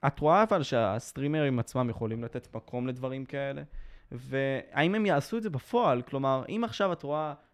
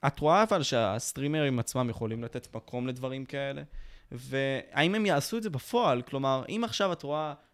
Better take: second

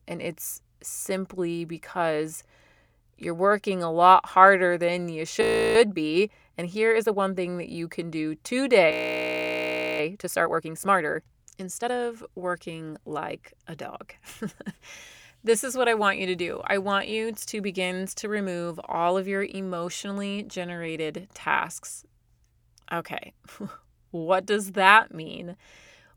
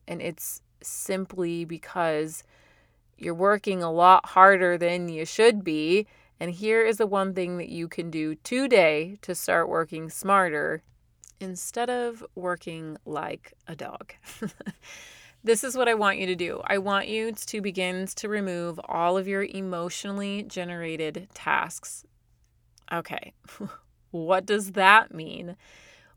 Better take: second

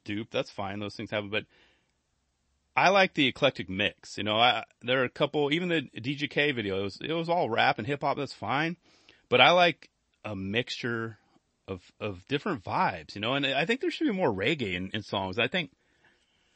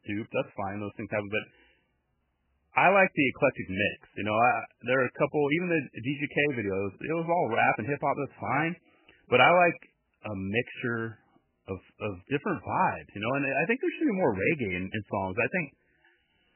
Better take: first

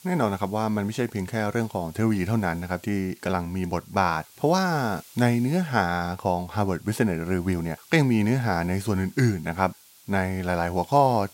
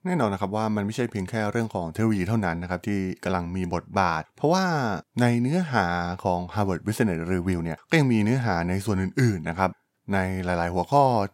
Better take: second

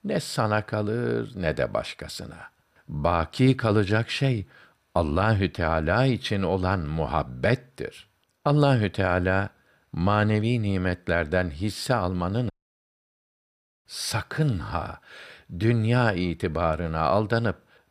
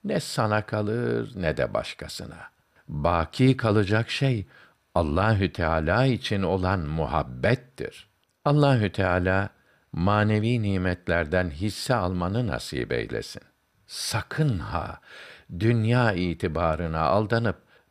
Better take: second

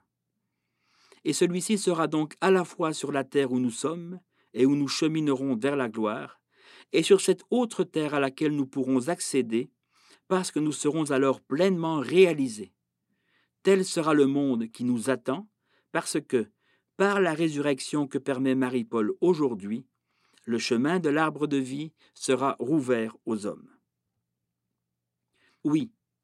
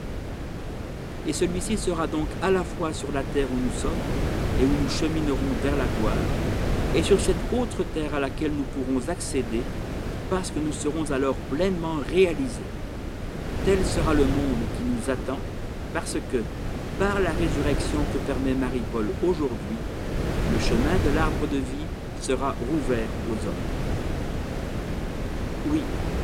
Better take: first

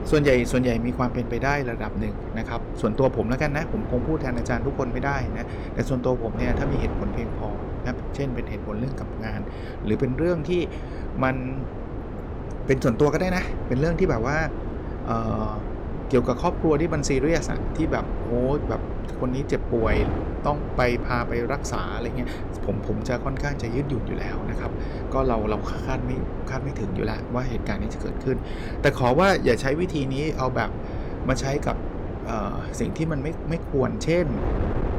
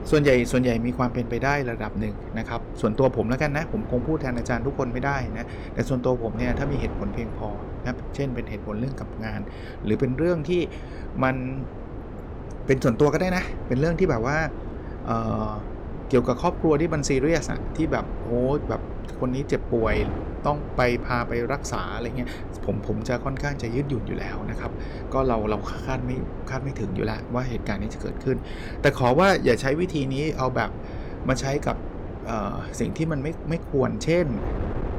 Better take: second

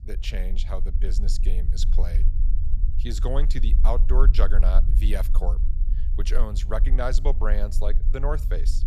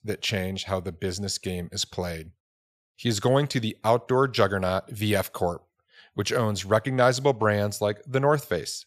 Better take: second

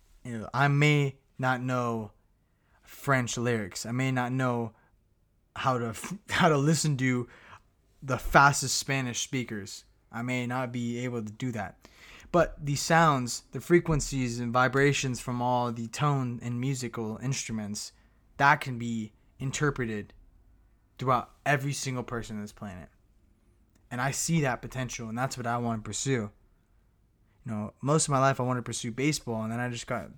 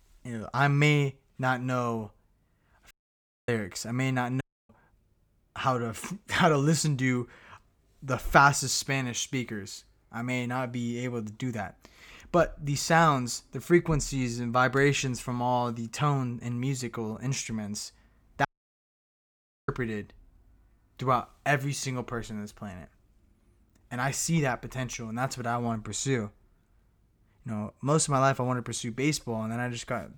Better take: first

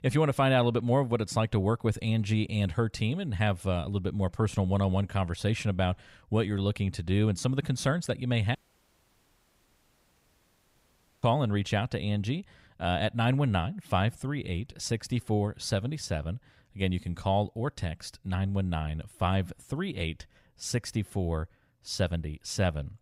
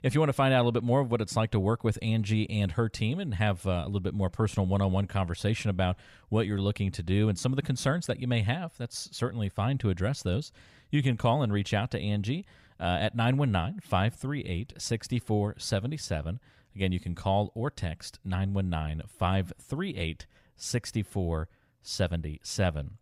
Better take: second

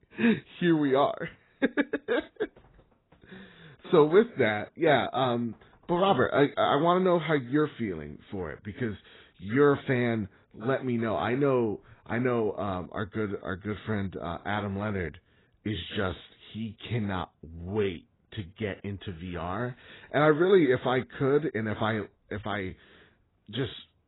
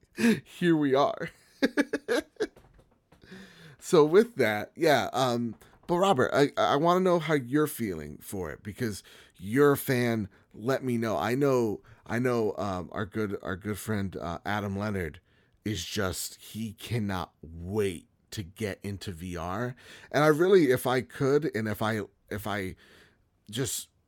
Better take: second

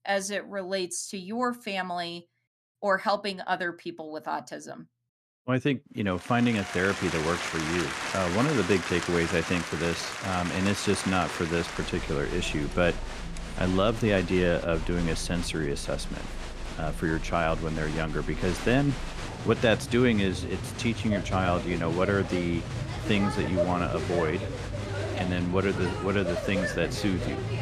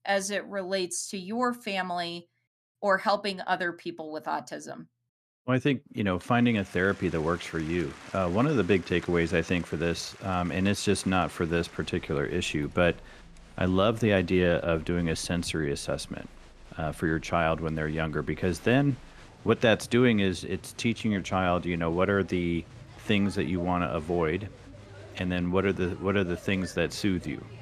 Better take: second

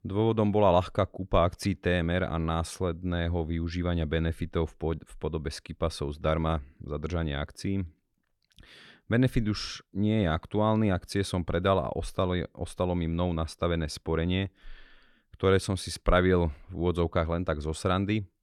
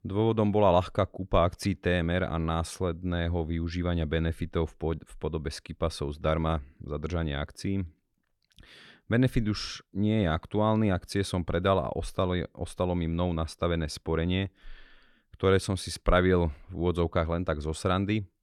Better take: neither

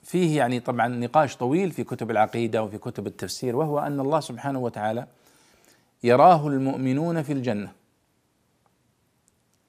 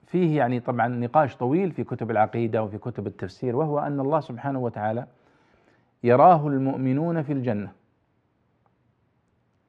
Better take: first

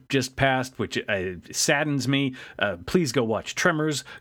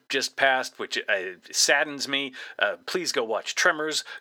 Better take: first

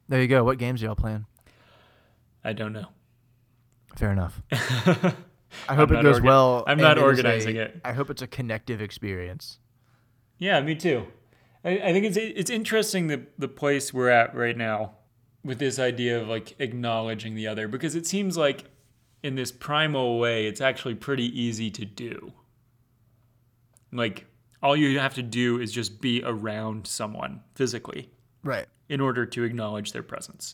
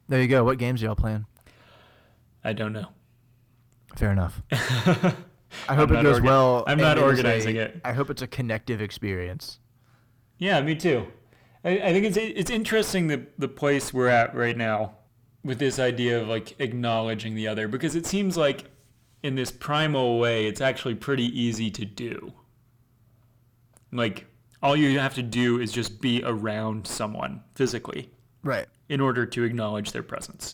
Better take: first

